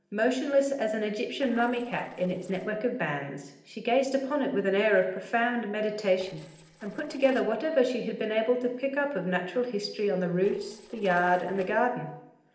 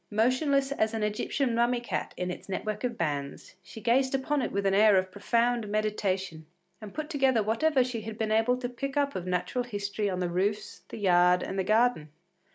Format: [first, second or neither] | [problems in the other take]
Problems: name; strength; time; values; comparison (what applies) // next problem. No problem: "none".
second | noise reduction (neural separator model SepFormer DNS4)